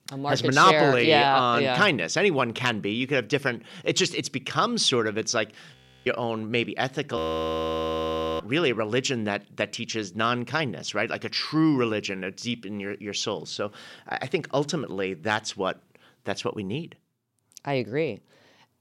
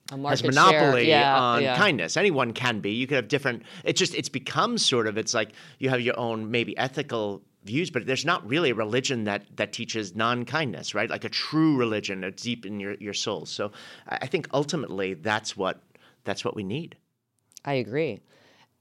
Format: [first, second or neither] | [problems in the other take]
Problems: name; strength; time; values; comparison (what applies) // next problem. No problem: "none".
second | audio freezing; at 6 s and at 7 s for 1 s